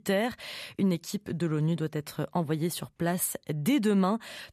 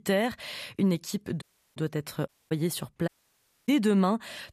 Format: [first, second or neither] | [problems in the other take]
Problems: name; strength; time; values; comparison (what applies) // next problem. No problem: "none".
first | audio cutting out; at 1.5 s, at 2.5 s and at 3 s for 0.5 s